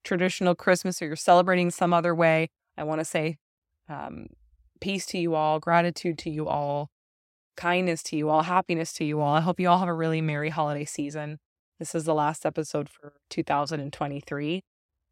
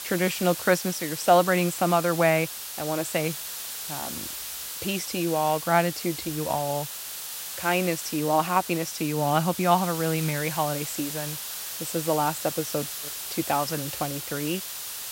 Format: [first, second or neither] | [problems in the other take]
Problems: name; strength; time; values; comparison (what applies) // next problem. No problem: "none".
first | hiss; loud; throughout; 6 dB below the speech